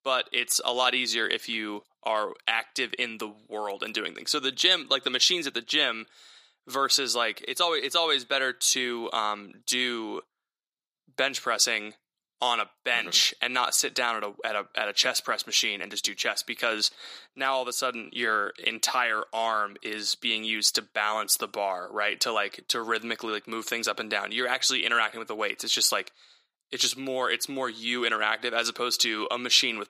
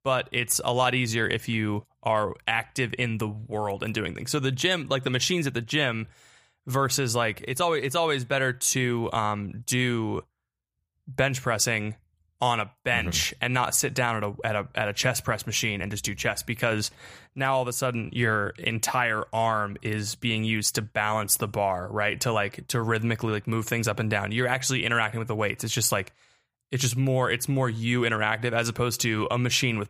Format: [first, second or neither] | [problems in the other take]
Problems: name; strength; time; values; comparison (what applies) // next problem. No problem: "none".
second | thin; somewhat; fading below 250 Hz